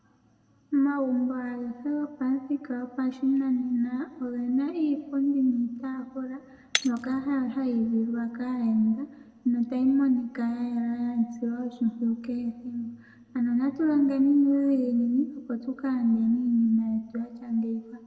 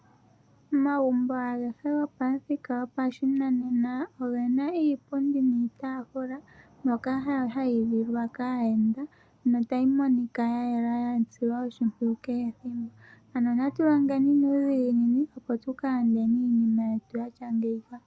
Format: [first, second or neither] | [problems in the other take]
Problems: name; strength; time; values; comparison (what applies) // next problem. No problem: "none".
second | background sound (Shatter); 12 dB below the speech // room echo; dies away in 1.2 s